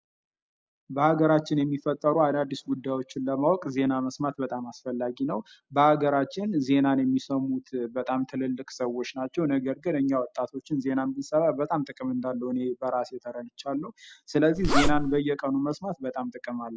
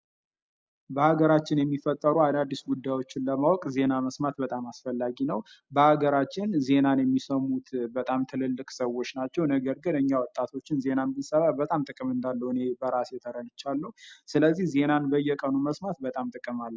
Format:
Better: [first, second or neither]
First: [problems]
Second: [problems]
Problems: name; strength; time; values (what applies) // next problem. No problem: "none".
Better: second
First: background sound (Zipper (clothing)); 4 dB above the speech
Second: none